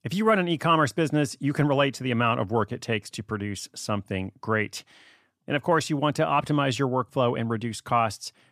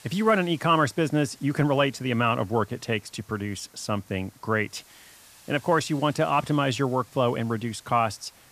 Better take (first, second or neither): first